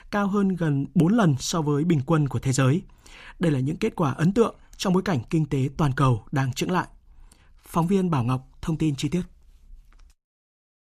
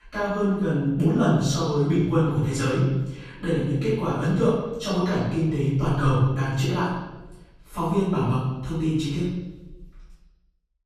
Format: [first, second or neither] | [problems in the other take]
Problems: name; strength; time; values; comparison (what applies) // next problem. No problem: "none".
first | room echo; strong; dies away in 1 s // off-mic speech; far